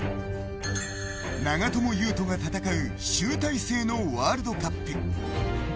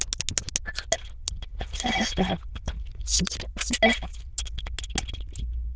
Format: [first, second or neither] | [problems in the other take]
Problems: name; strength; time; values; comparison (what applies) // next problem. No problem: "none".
first | noise reduction (neural diffusion model UNIVERSE++)